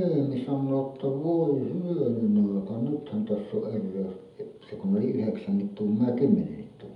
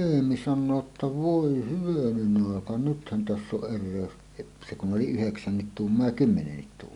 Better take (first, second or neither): second